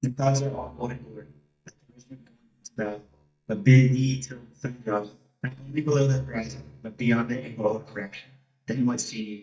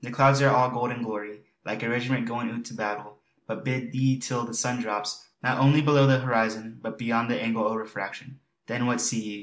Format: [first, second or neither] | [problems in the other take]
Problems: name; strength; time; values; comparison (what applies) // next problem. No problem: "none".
second | noise reduction (neural mask model DeepFilterNet 3)